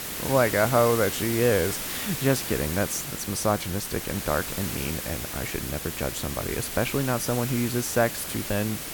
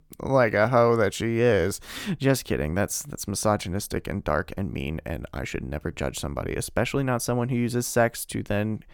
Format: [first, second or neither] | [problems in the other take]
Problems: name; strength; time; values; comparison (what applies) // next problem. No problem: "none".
second | hiss; loud; throughout; 5 dB below the speech